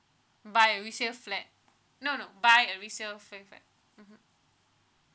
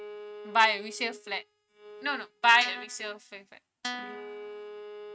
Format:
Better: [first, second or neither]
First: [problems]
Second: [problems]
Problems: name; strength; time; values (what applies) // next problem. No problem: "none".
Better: first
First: none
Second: noise reduction (neural mask model RNNoise)